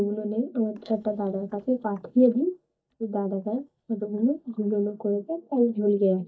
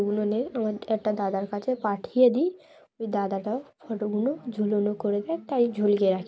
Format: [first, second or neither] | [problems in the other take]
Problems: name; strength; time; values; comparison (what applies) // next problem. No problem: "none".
second | noise reduction (neural mask model DeepFilterNet 3)